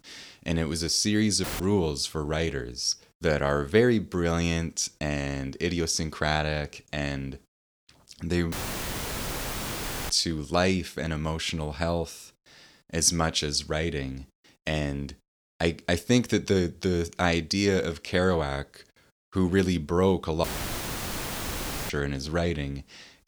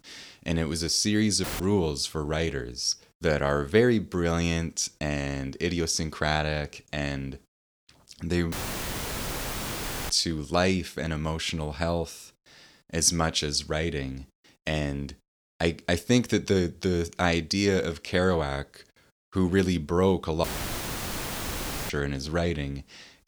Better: neither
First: audio cutting out; filled with static; at 1.5 s, at 8.5 s for 1.5 s and at 20 s for 1.5 s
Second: audio cutting out; filled with static; at 1.5 s, at 8.5 s for 1.5 s and at 20 s for 1.5 s

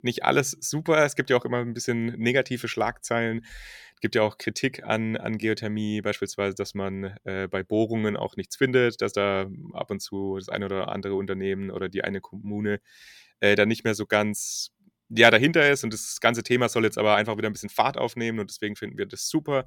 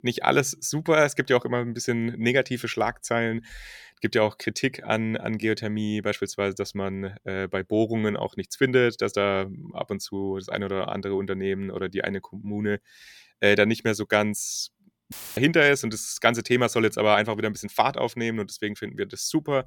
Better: first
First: none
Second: audio cutting out; filled with static; at 15 s

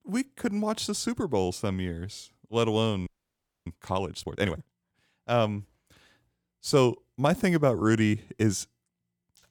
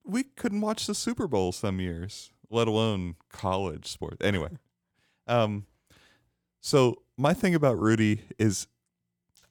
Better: second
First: audio freezing; at 3 s for 0.5 s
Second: none

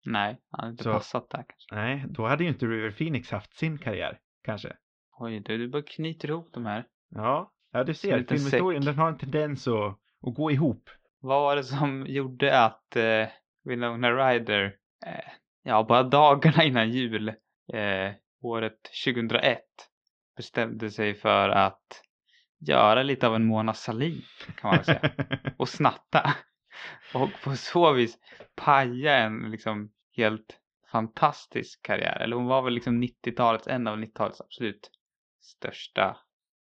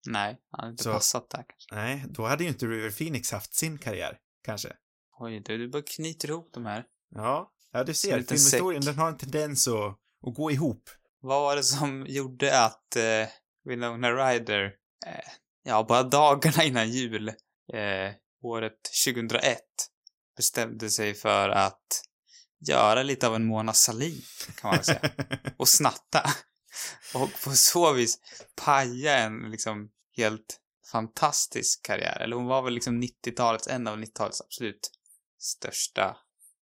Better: second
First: muffled; very; fading above 3.5 kHz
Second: none

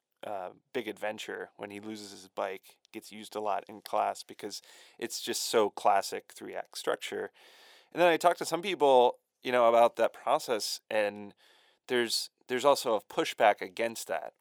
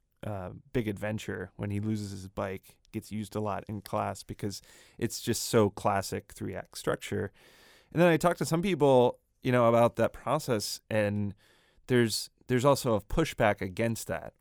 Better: second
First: thin; somewhat; fading below 450 Hz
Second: none

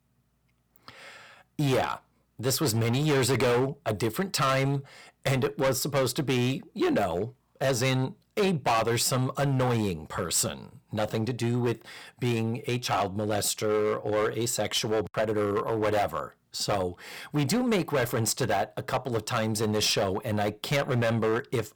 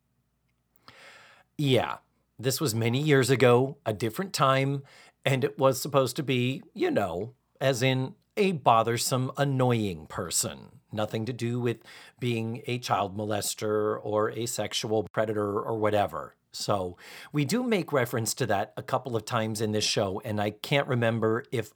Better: second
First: distortion; heavy; 11% of the sound clipped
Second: none

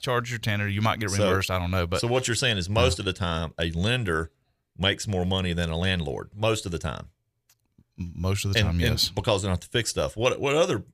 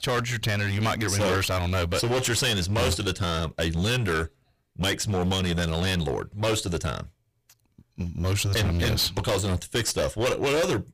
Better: first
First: none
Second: distortion; heavy; 22% of the sound clipped

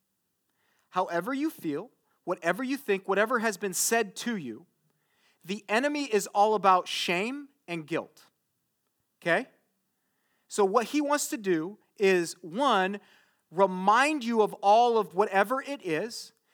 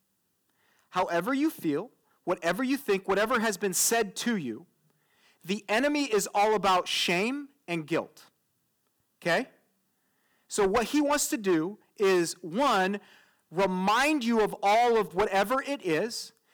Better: first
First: none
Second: distortion; heavy; 7% of the sound clipped

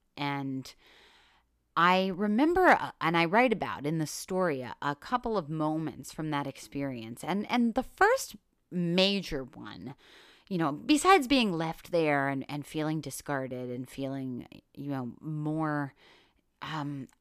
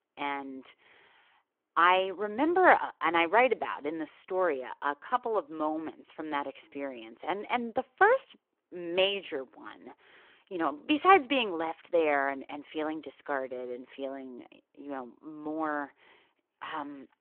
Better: first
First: none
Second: phone-call audio

